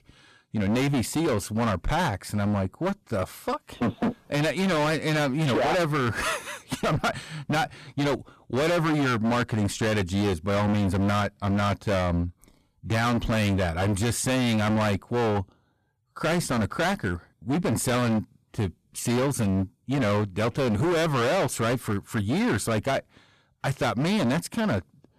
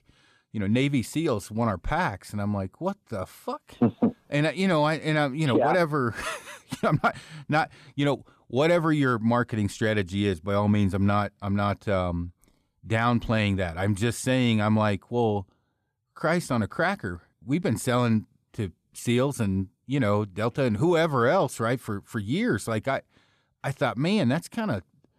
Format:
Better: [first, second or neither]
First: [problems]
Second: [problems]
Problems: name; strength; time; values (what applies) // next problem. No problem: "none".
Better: second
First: distortion; heavy; 27% of the sound clipped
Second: none